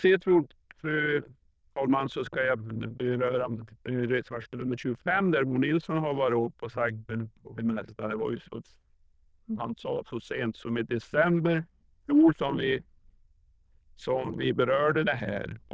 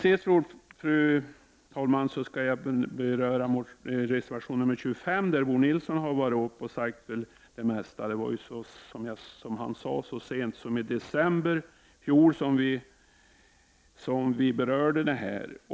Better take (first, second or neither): second